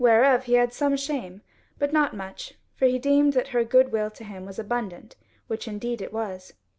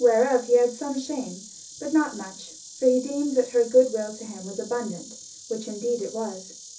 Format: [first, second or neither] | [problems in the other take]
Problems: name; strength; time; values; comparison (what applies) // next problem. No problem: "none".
first | background sound (Insect); 18 dB below the speech // room echo; dies away in 0.3 s